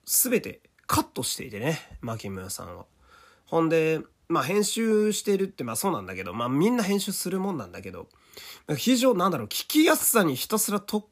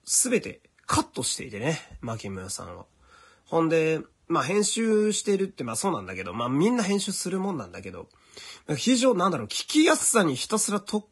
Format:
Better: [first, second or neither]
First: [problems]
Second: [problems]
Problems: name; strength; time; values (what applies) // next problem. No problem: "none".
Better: first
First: none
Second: garbled, watery; badly; nothing above 11.5 kHz